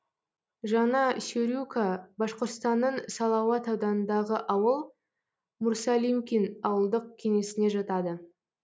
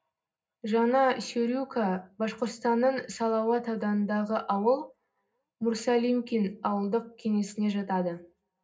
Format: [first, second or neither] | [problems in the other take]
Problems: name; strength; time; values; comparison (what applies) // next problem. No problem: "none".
first | room echo; dies away in 0.4 s